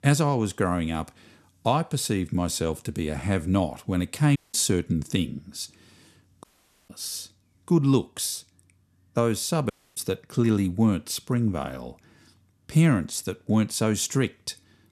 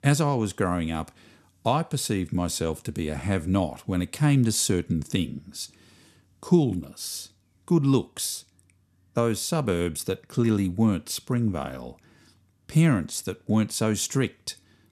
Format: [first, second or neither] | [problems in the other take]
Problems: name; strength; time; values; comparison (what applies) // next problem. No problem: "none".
second | audio cutting out; at 4.5 s, at 6.5 s and at 9.5 s